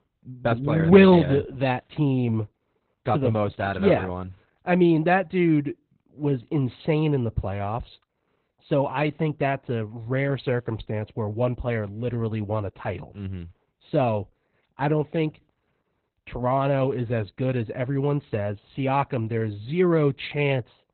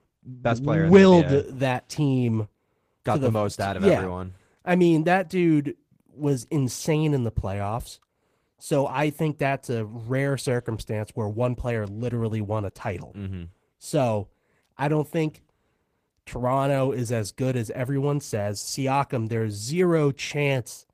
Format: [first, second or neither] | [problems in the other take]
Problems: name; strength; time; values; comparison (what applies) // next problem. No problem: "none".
second | garbled, watery; badly; nothing above 4 kHz; slightly in the second